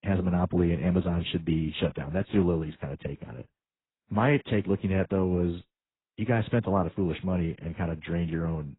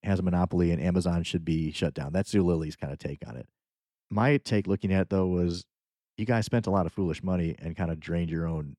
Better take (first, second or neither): second